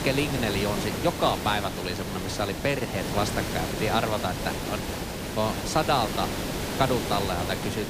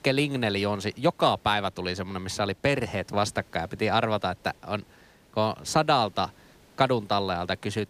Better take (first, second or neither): second